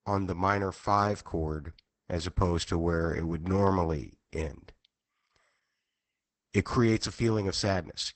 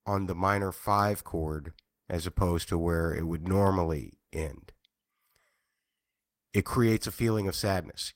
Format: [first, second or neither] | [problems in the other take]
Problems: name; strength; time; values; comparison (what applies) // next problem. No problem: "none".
second | garbled, watery; badly; nothing above 8 kHz; slightly in the second